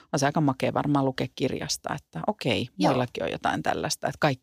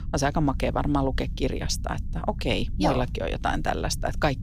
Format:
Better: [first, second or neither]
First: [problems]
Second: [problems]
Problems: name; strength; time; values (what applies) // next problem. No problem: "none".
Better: first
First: none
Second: low rumble; faint; throughout; 20 dB below the speech